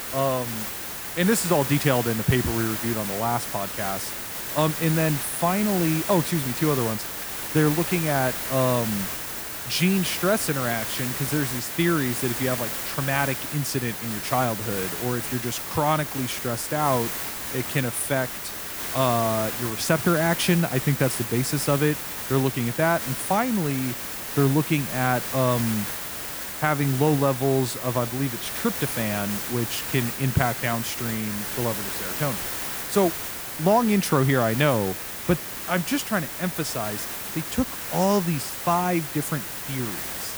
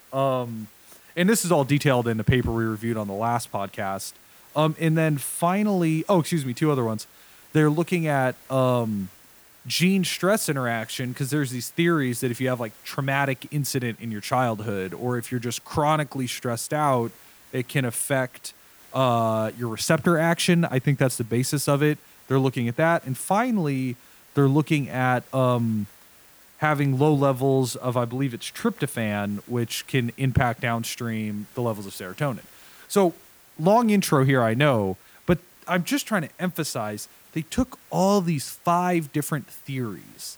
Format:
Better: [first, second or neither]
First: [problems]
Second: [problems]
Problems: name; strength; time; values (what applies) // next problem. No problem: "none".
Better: second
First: hiss; loud; throughout; 4 dB below the speech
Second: hiss; faint; throughout; 25 dB below the speech